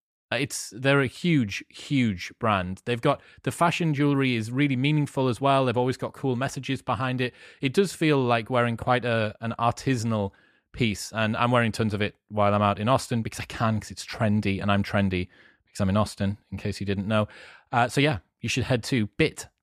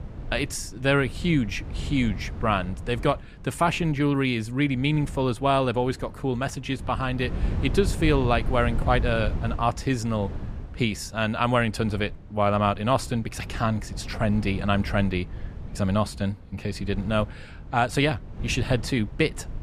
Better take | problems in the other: first | wind noise on the microphone; occasional gusts; 20 dB below the speech

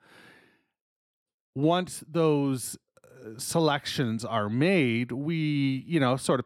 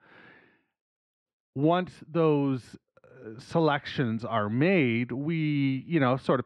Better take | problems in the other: first | muffled; slightly; fading above 2.5 kHz

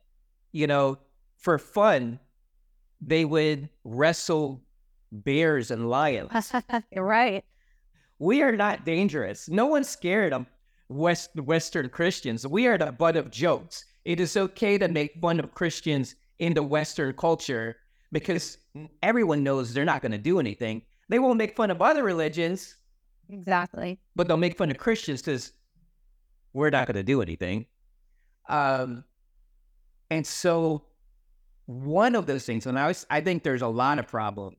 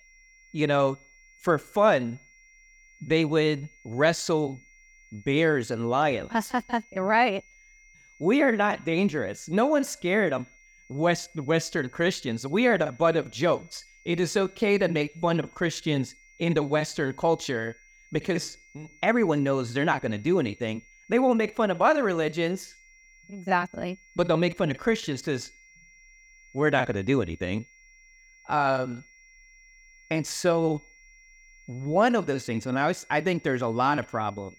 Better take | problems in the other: first | high-pitched whine; faint; throughout; 2 kHz, 30 dB below the speech

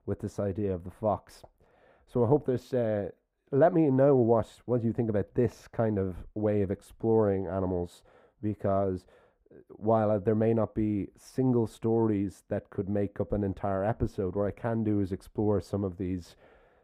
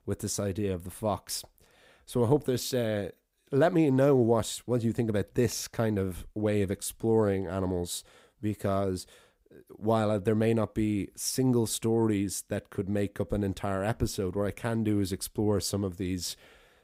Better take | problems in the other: second | muffled; very; fading above 2.5 kHz

